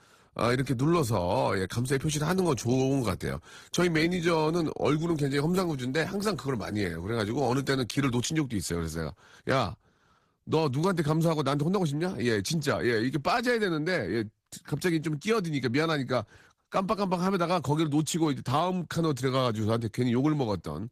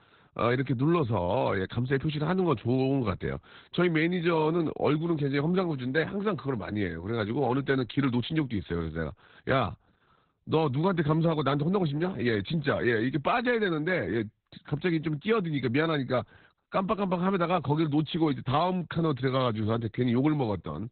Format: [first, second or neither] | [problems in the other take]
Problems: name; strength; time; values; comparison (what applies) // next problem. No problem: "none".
first | garbled, watery; badly; nothing above 4 kHz; slightly in the first